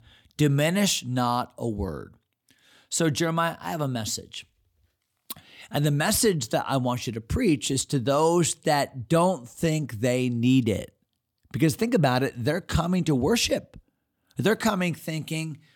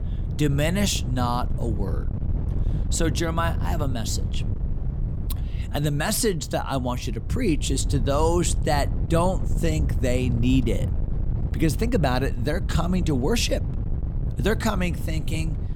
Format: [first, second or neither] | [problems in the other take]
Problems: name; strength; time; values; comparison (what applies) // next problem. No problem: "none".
first | wind noise on the microphone; occasional gusts; 15 dB below the speech